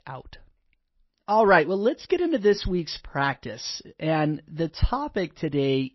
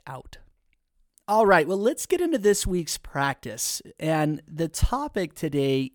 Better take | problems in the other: second | garbled, watery; slightly; nothing above 5.5 kHz

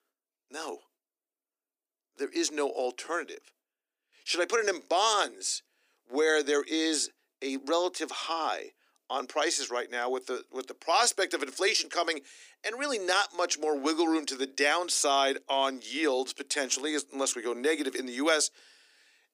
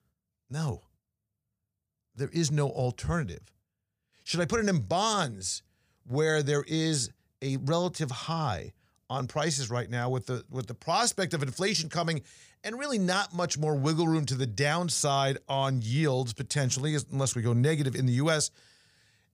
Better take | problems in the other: second | thin; somewhat; fading below 250 Hz

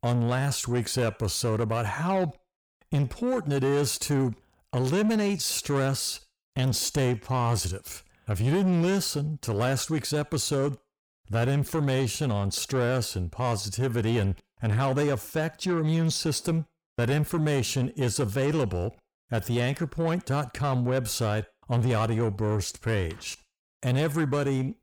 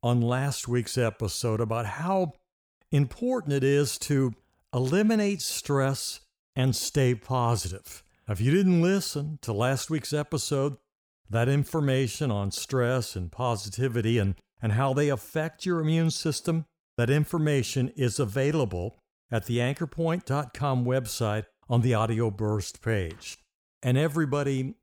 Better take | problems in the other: second | distortion; slight; 10 dB below the speech

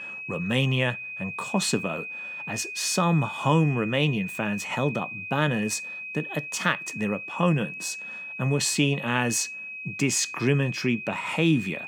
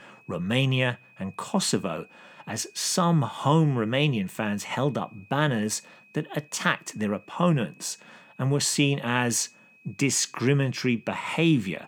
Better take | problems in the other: second | high-pitched whine; loud; throughout; 2.5 kHz, 8 dB below the speech; faint in the second

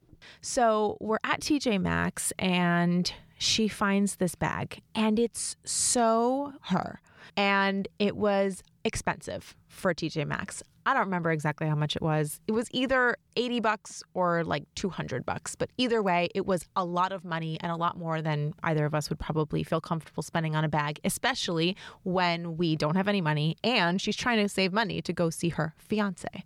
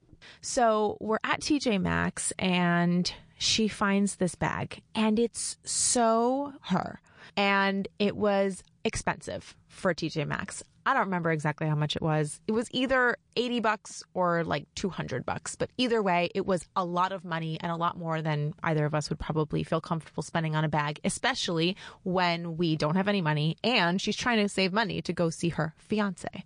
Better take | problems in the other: first | garbled, watery; slightly; nothing above 9 kHz

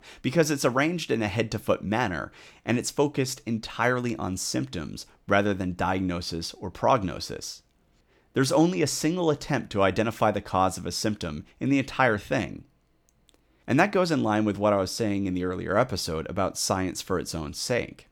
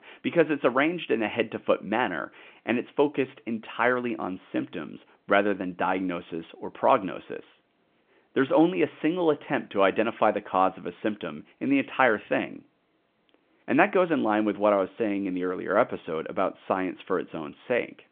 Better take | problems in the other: first | phone-call audio

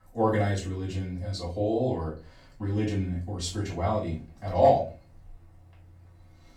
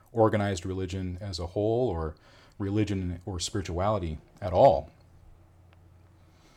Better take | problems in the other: second | off-mic speech; far // room echo; slight; dies away in 0.3 s

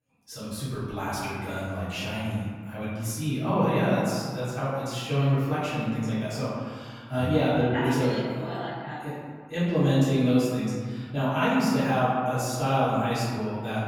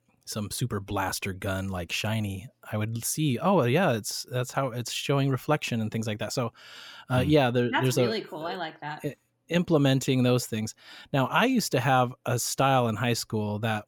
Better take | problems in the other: second | room echo; strong; dies away in 1.9 s // off-mic speech; far

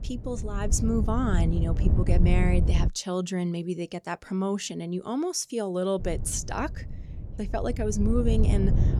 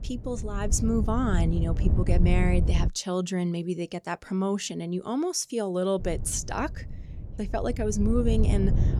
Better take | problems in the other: second | wind noise on the microphone; heavy; until 3 s and from 6 s on; 9 dB below the speech; occasional gusts in the second

